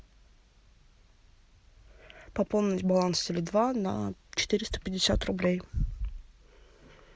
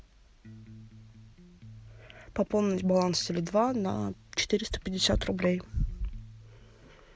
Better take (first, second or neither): first